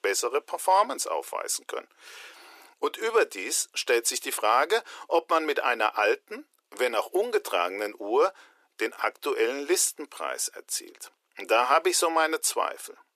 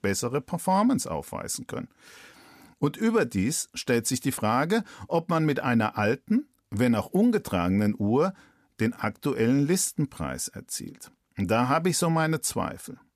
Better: second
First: thin; very; fading below 350 Hz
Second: none

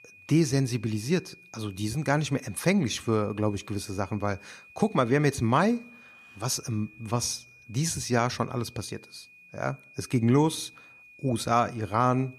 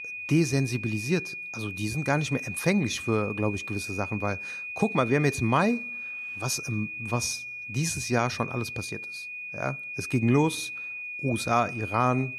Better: first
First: high-pitched whine; faint; throughout; 2.5 kHz, 25 dB below the speech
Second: high-pitched whine; loud; throughout; 2.5 kHz, 7 dB below the speech

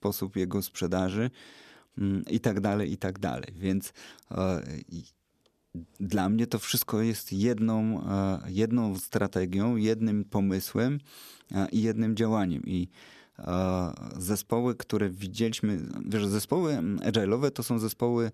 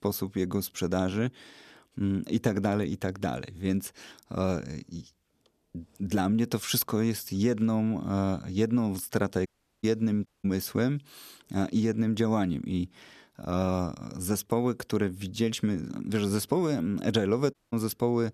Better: first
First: none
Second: audio cutting out; at 9.5 s, at 10 s and at 18 s

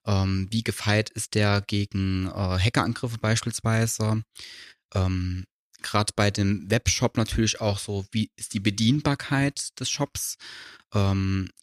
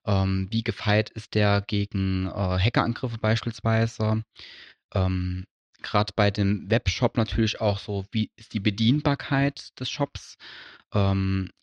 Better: first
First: none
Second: muffled; slightly; fading above 4 kHz

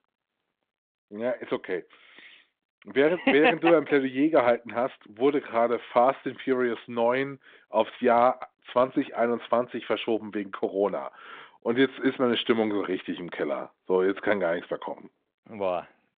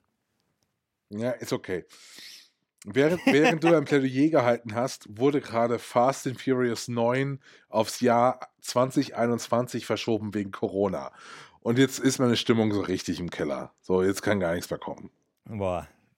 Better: second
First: phone-call audio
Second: none

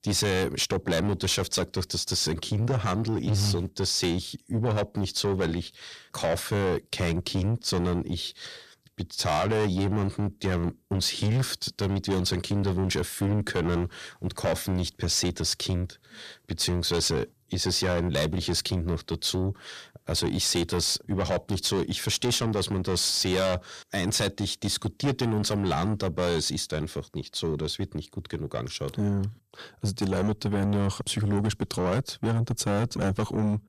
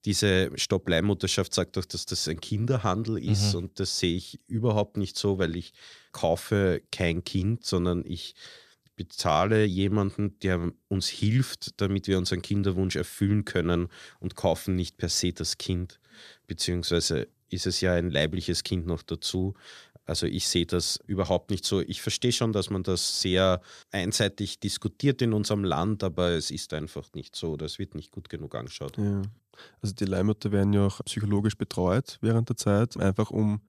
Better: second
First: distortion; heavy; 7 dB below the speech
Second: none

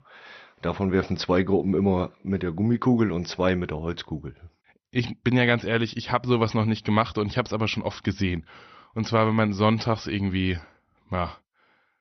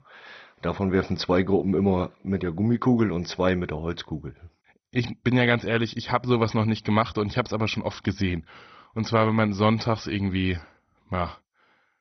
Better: first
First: garbled, watery; slightly; nothing above 6 kHz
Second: garbled, watery; badly; nothing above 6 kHz

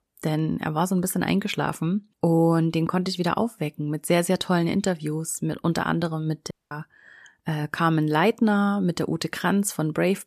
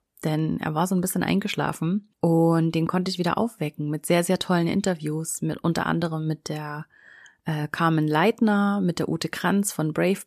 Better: second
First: audio cutting out; at 6.5 s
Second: none

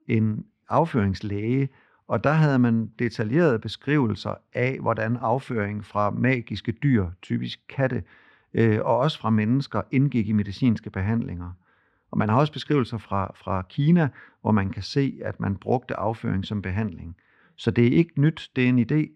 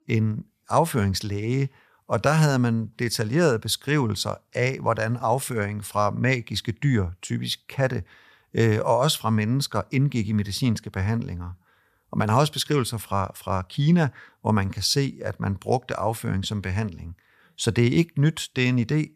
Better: second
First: muffled; slightly; fading above 2.5 kHz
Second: none

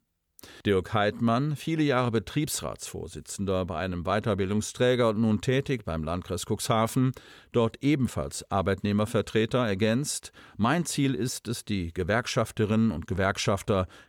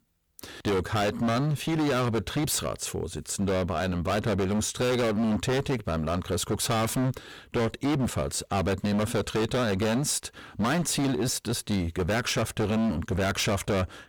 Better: first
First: none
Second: distortion; heavy; 24% of the sound clipped

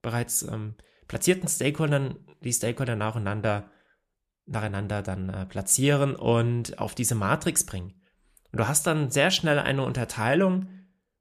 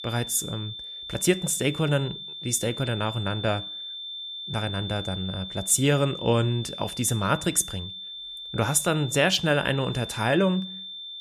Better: first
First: none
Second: high-pitched whine; loud; throughout; 3.5 kHz, 9 dB below the speech

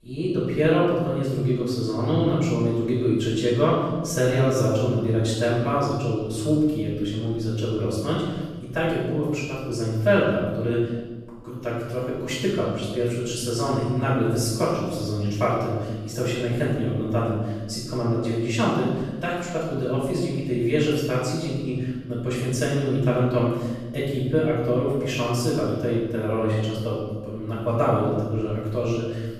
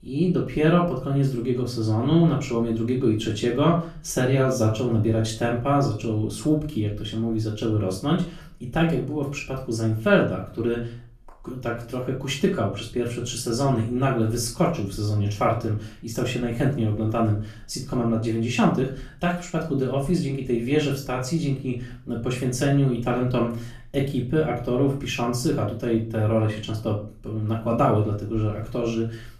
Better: second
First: room echo; strong; dies away in 1.2 s // off-mic speech; far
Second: room echo; slight; dies away in 0.4 s // off-mic speech; far

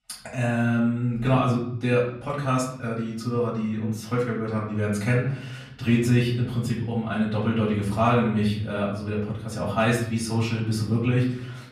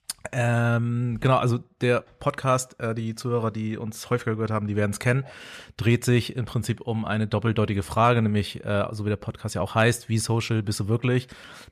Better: second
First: off-mic speech; far // room echo; noticeable; dies away in 0.7 s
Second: none

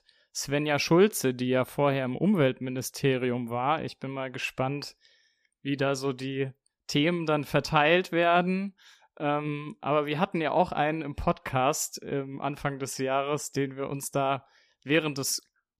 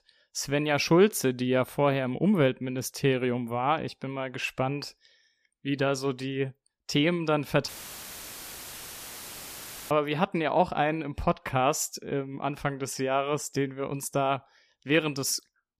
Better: first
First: none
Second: audio cutting out; filled with static; at 7.5 s for 2 s

